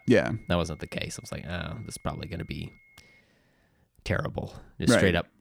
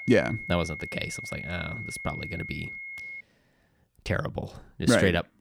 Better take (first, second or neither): first